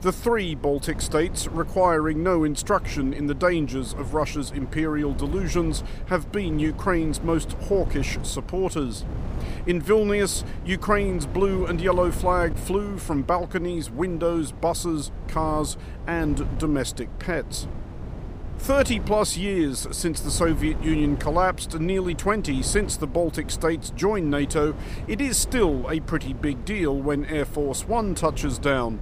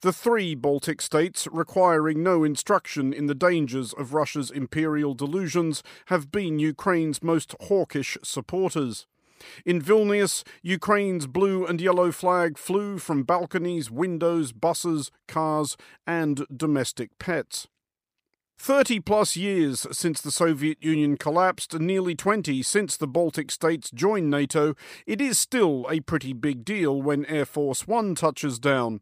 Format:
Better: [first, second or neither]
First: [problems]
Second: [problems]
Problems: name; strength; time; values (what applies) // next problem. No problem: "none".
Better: second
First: wind noise on the microphone; occasional gusts; 15 dB below the speech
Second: none